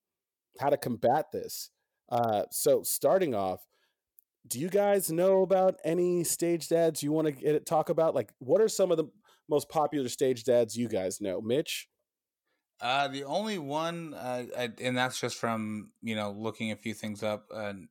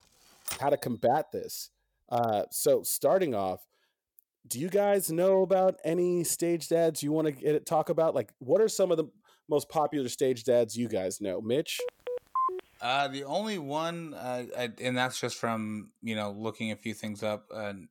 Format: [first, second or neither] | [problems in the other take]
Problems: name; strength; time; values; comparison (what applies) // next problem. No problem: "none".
first | keyboard typing; noticeable; at 0.5 s; peak 8 dB below the speech // phone ringing; noticeable; at 12 s; peak 1 dB below the speech